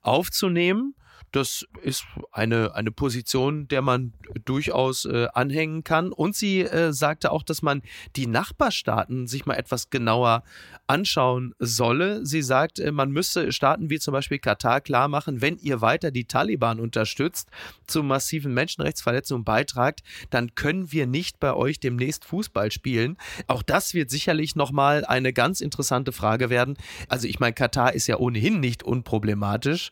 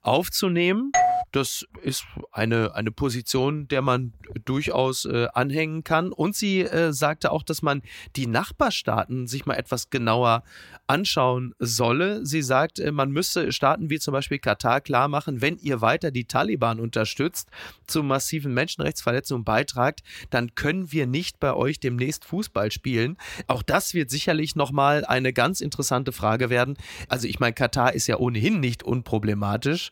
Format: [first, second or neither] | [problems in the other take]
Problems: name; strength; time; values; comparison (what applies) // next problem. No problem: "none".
first | doorbell; loud; at 1 s; peak 3 dB above the speech